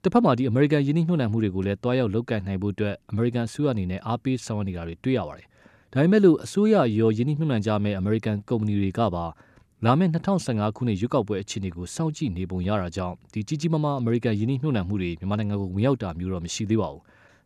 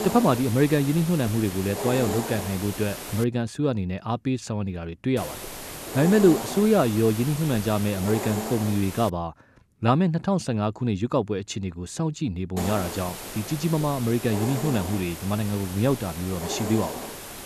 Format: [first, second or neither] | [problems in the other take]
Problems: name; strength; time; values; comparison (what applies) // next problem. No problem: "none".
first | hiss; loud; until 3 s, from 5 to 9 s and from 13 s on; 8 dB below the speech